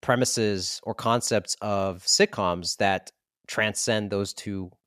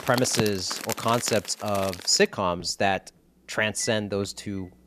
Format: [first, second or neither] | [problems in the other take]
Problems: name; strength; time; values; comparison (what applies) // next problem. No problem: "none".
first | household noises; loud; throughout; 9 dB below the speech